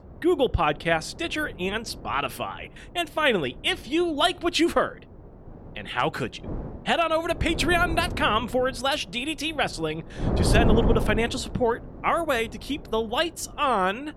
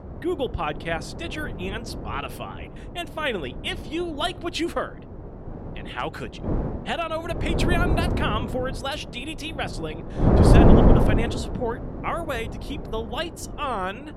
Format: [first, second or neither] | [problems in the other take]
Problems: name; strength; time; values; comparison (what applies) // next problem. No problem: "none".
first | wind noise on the microphone; heavy; 1 dB above the speech; occasional gusts in the first